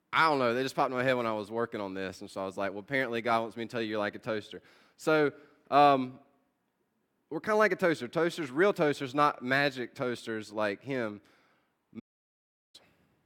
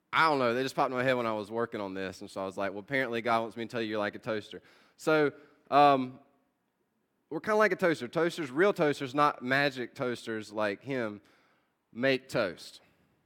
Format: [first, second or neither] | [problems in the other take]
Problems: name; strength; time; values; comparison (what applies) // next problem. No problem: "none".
second | audio cutting out; at 12 s for 0.5 s